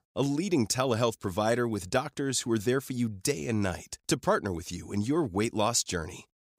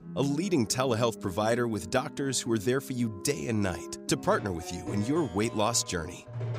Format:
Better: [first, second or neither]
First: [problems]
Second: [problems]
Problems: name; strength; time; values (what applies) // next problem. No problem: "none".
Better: first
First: none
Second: background music; noticeable; throughout; 15 dB below the speech